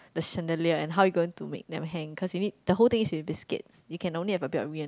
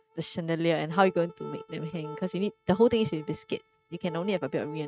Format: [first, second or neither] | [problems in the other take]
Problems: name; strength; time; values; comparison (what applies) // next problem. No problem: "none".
first | noise reduction (neural mask model RNNoise)